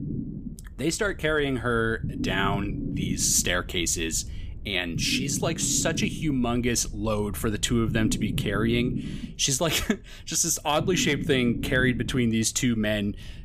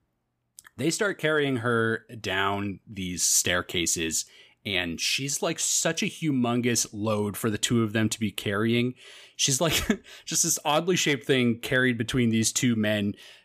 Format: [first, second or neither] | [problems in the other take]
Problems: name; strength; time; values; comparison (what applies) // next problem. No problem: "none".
second | low rumble; noticeable; throughout; 15 dB below the speech